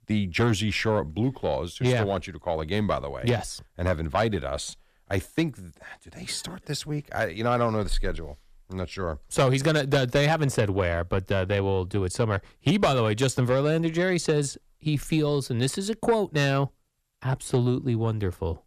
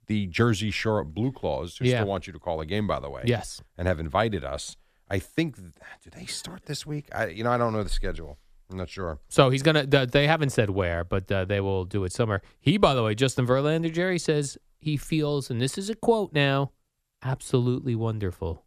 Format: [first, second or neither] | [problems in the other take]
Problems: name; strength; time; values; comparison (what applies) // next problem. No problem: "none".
second | distortion; slight; 10 dB below the speech